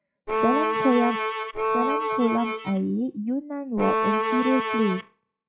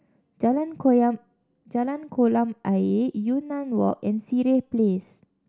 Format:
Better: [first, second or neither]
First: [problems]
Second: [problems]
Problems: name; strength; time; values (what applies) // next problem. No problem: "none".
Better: second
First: noise reduction (classical method log-MMSE)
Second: none